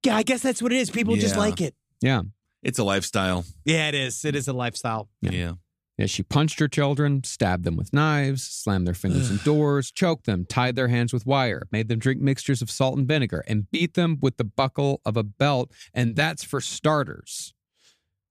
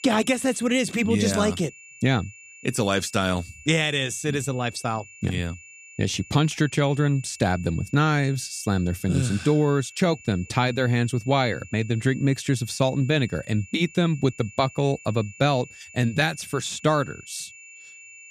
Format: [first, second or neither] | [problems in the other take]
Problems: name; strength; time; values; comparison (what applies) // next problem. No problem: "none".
first | high-pitched whine; noticeable; throughout; 2.5 kHz, 20 dB below the speech